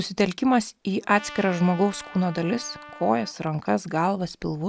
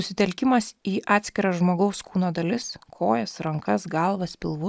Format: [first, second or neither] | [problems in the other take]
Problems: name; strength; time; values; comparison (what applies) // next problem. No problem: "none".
second | background sound (Trumpet); 18 dB below the speech